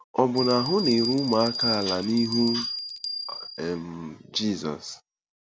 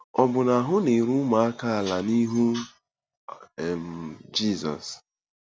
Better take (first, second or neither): second